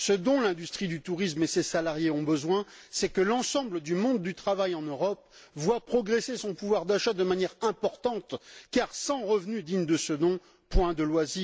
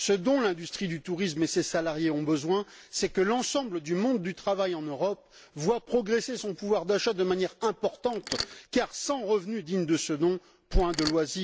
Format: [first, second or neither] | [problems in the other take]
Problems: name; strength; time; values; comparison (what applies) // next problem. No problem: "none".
first | background sound (Mechanisms); 8 dB below the speech